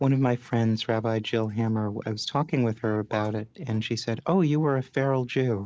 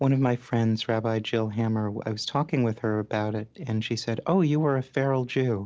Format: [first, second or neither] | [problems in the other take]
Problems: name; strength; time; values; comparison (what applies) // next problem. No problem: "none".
second | noise reduction (neural mask model Resemble Enhance denoiser)